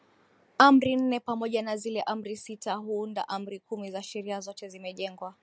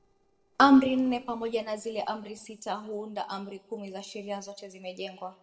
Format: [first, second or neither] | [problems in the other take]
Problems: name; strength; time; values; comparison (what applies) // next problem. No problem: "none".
first | noise reduction (neural separator model SepFormer DNS4)